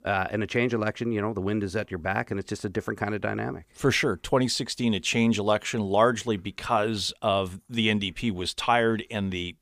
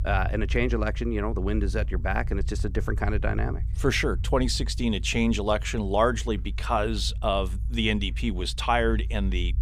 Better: first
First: none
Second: low rumble; faint; throughout; 20 dB below the speech

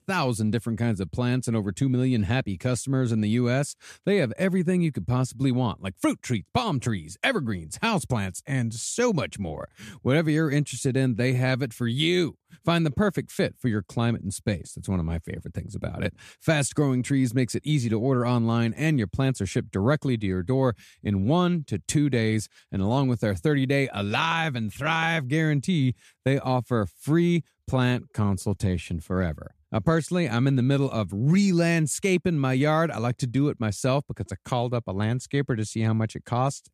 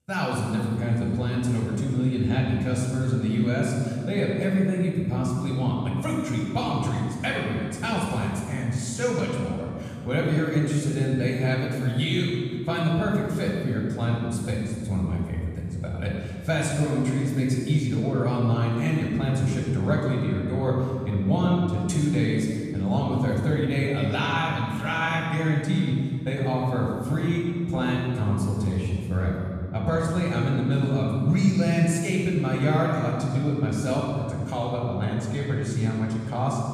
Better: first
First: none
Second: off-mic speech; far // room echo; noticeable; dies away in 2.1 s

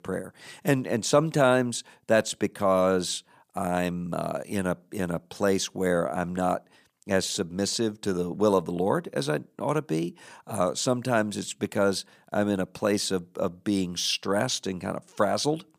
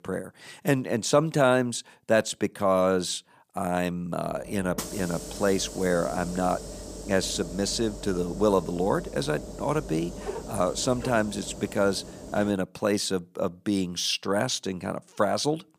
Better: first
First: none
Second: hiss; noticeable; from 4.5 to 13 s; 10 dB below the speech

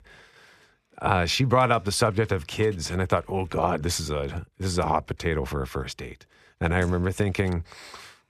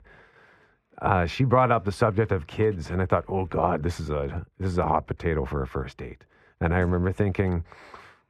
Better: first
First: none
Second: muffled; slightly; fading above 3 kHz

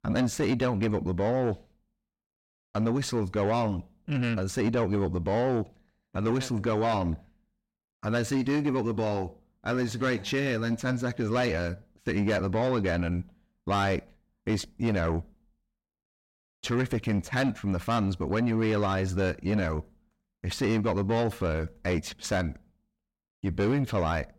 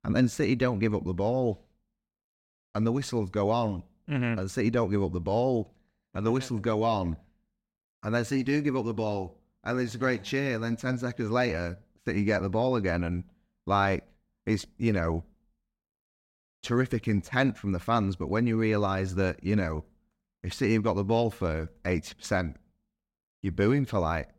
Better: second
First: distortion; slight; 10 dB below the speech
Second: none

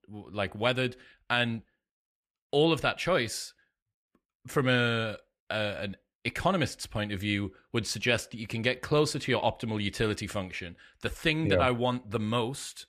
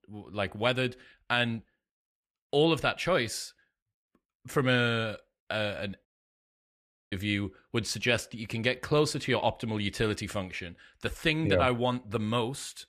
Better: first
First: none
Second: audio cutting out; at 6 s for 1 s

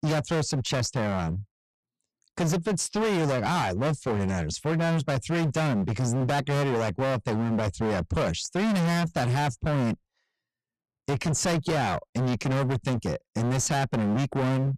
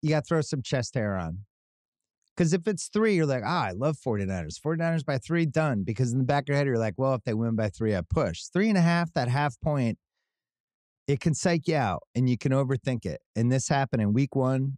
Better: second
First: distortion; heavy; 33% of the sound clipped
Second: none

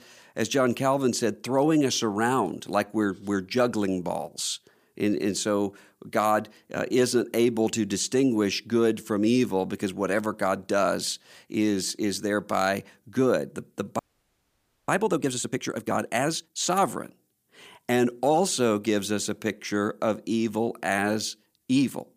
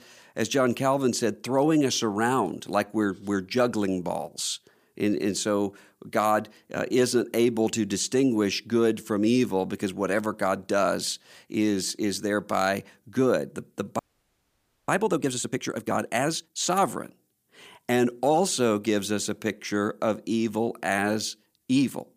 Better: neither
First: audio freezing; at 14 s for 1 s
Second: audio freezing; at 14 s for 1 s

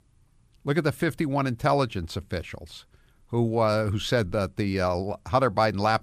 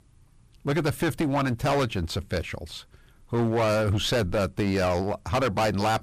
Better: first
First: none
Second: distortion; heavy; 17% of the sound clipped

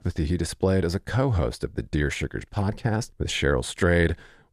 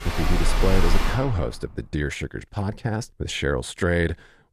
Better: first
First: none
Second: rain or running water; very loud; until 1 s; as loud as the speech

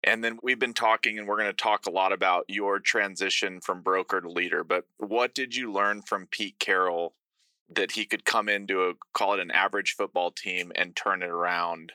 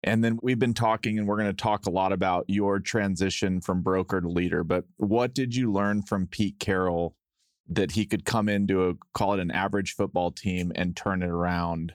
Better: second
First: thin; very; fading below 350 Hz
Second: none

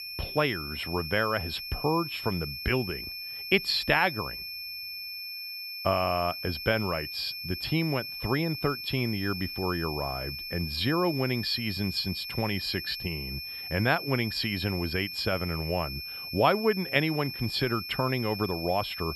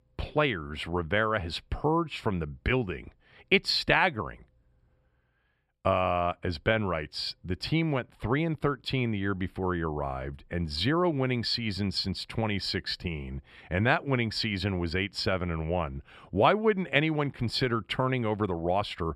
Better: second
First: high-pitched whine; loud; throughout; 5.5 kHz, 6 dB below the speech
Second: none

